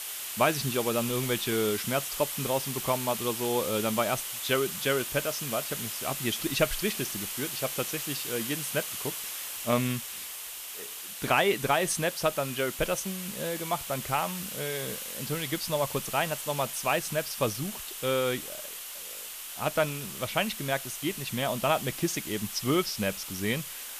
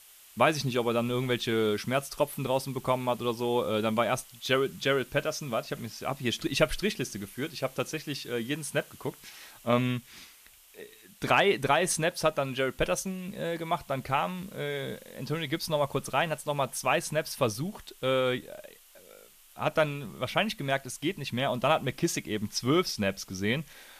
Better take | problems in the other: second | hiss; loud; throughout; 4 dB below the speech; faint in the second

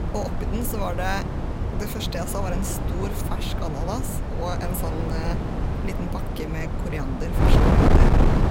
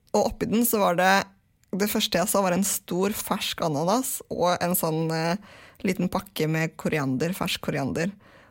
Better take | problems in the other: second | wind noise on the microphone; heavy; 2 dB above the speech

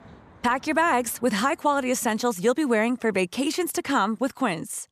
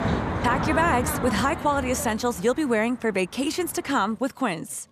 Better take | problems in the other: first | traffic noise; loud; throughout; 4 dB below the speech; faint in the first

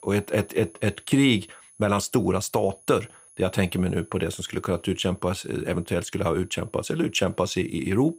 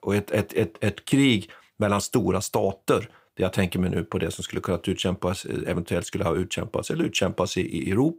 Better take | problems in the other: second | high-pitched whine; faint; throughout; 10.5 kHz, 25 dB below the speech

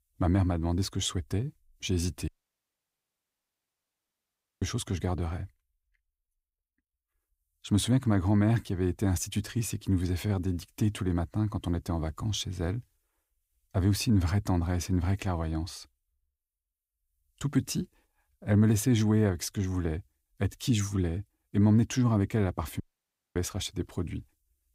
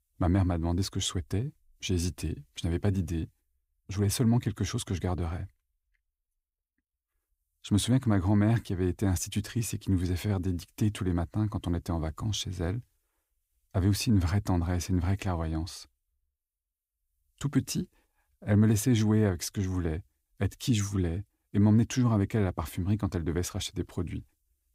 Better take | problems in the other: second | audio cutting out; at 2.5 s for 2.5 s and at 23 s for 0.5 s

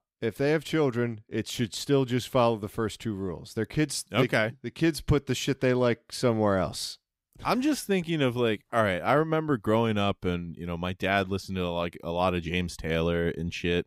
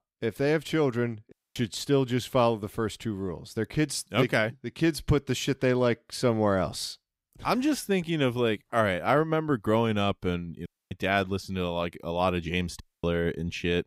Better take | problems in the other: first | audio cutting out; at 1.5 s, at 11 s and at 13 s

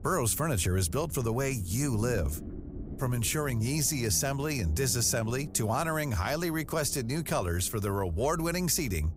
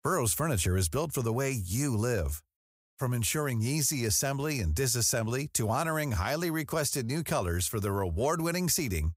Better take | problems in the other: second | low rumble; faint; throughout; 20 dB below the speech

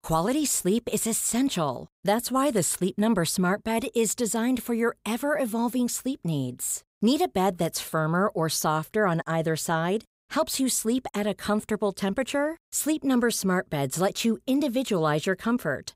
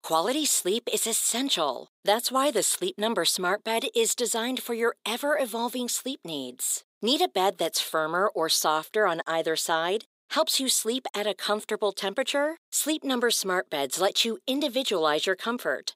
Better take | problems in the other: first | thin; somewhat; fading below 350 Hz

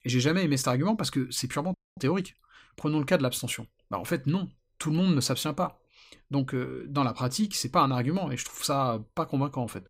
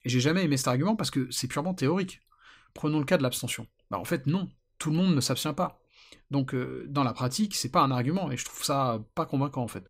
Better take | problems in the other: second | audio freezing; at 1.5 s

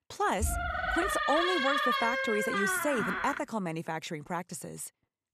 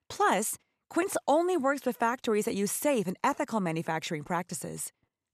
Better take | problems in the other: second | door banging; loud; until 3.5 s; peak 6 dB above the speech

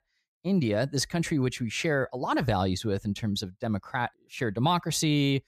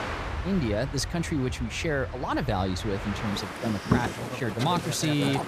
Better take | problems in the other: first | train or aircraft noise; loud; throughout; 4 dB below the speech

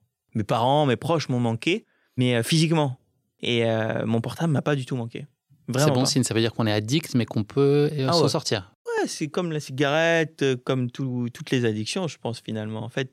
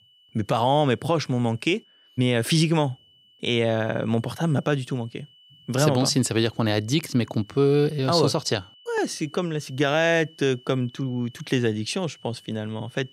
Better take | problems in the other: first | high-pitched whine; faint; throughout; 3 kHz, 30 dB below the speech

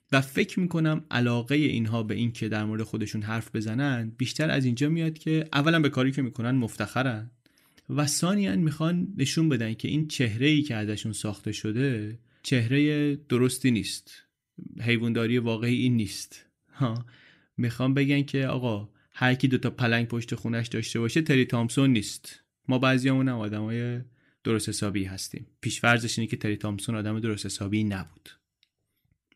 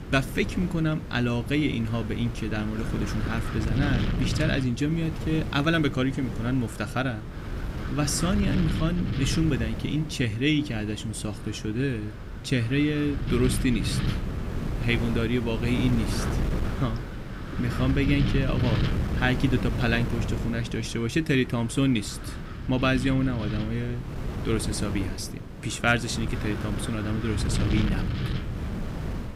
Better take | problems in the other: first | wind noise on the microphone; heavy; 8 dB below the speech

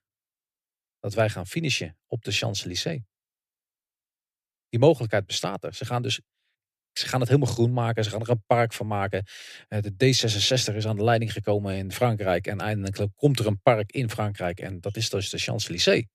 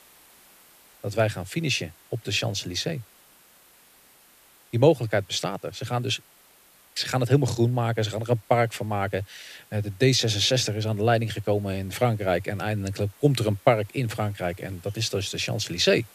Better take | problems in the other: first | hiss; faint; throughout; 25 dB below the speech

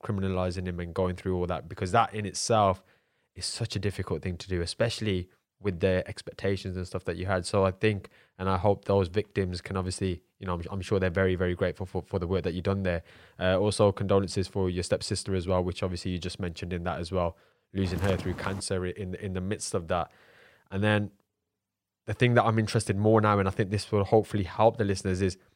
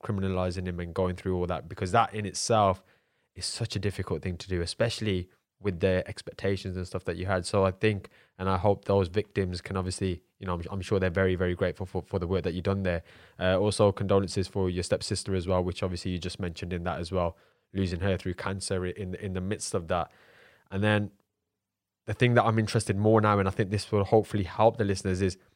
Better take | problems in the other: second | footsteps; noticeable; at 18 s; peak 8 dB below the speech

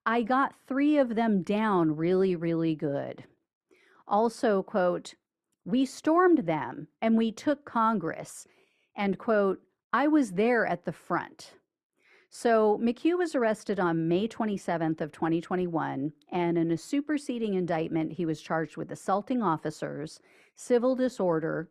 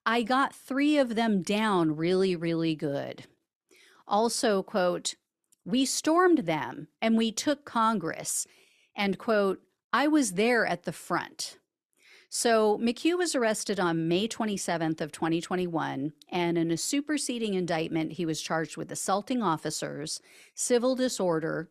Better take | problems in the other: second | muffled; slightly; fading above 2.5 kHz

